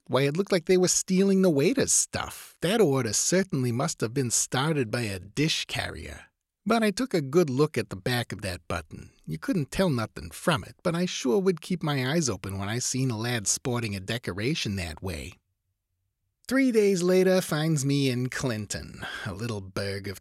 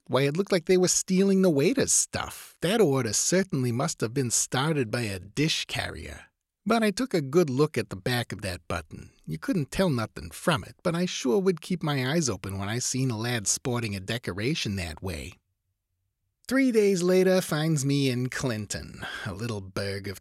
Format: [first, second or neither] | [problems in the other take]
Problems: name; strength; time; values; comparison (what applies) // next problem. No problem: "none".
neither | none